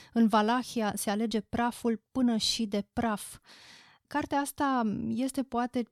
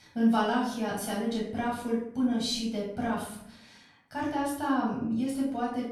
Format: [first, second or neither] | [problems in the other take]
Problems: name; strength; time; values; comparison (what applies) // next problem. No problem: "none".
first | off-mic speech; far // room echo; noticeable; dies away in 0.6 s